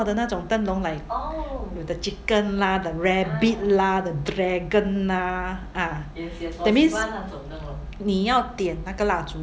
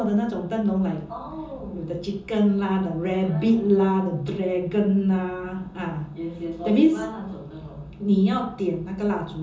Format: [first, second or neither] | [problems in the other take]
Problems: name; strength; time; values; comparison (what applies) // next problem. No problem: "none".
first | room echo; dies away in 0.6 s